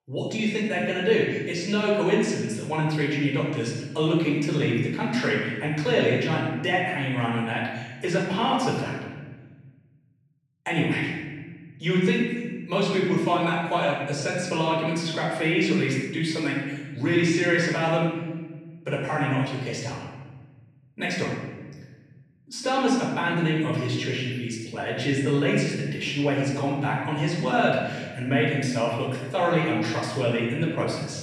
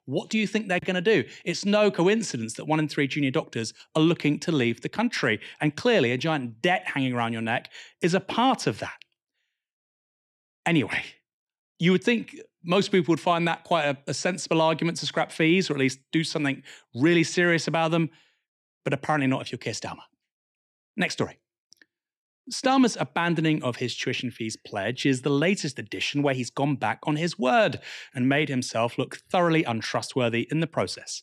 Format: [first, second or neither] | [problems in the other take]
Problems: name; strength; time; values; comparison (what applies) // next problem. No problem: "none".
second | room echo; noticeable; dies away in 1.2 s // off-mic speech; far